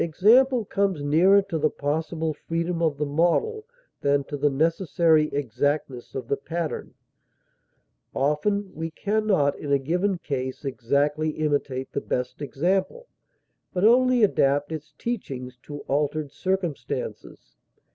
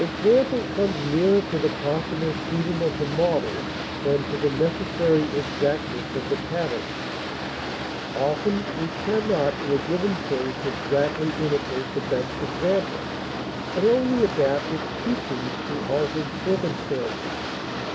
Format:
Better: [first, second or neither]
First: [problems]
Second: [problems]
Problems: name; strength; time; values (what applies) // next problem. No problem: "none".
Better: first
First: none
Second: background sound (Boat, Water vehicle); 5 dB below the speech